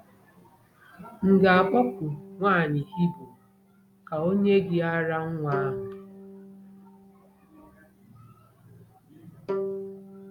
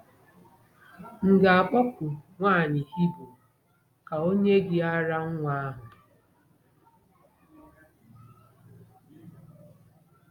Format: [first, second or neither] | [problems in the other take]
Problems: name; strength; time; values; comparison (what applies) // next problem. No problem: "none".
second | background sound (Bowed string instrument); 11 dB below the speech